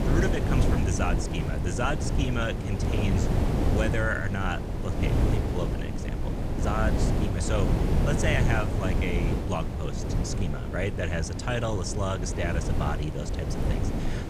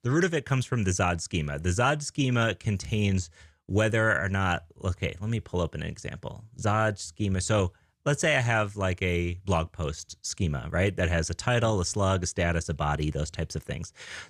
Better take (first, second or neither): second